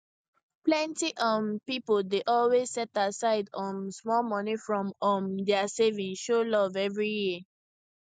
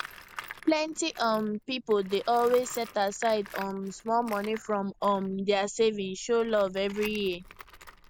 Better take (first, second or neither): first